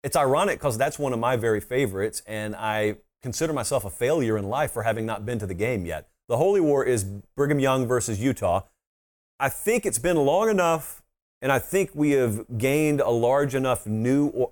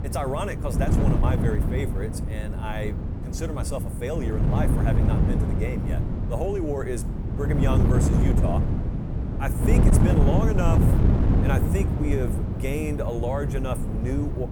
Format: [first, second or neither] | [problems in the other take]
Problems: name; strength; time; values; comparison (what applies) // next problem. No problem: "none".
first | wind noise on the microphone; heavy; 2 dB below the speech